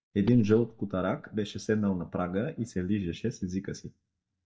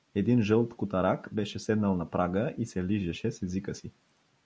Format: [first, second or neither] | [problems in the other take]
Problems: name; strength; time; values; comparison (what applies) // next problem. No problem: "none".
second | noise reduction (neural mask model DeepFilterNet 3)